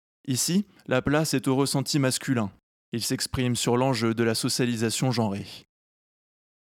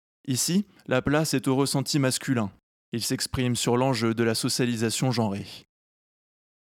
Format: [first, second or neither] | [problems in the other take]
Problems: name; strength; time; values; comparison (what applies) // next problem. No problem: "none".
neither | none